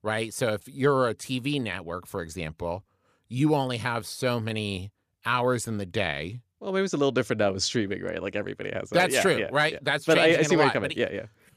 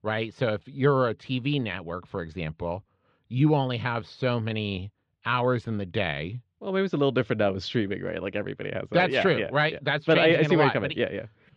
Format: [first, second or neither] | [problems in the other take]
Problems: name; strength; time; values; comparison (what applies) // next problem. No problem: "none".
first | muffled; slightly; fading above 3.5 kHz